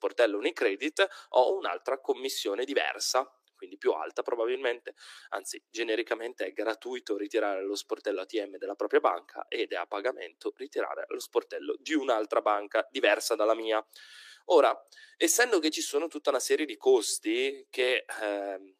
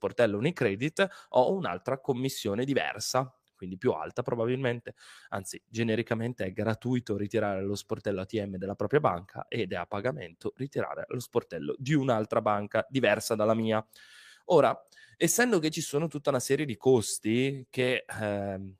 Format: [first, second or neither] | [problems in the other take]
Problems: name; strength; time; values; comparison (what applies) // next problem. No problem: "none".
second | thin; somewhat; fading below 300 Hz